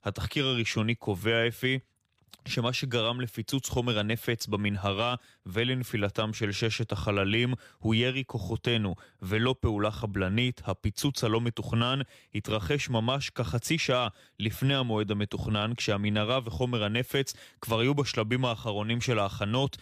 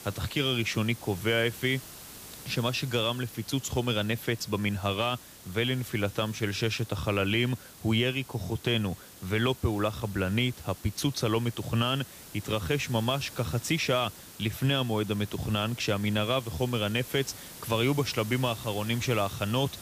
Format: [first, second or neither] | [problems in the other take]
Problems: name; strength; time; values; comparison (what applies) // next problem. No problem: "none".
first | hiss; noticeable; throughout; 15 dB below the speech